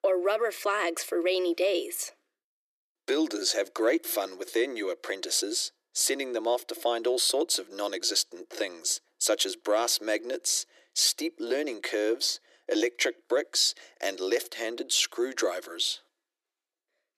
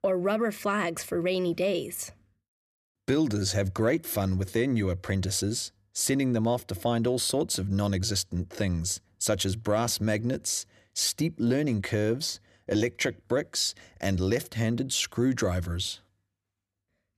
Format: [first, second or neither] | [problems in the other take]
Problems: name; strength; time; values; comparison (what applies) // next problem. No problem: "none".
second | thin; very; fading below 300 Hz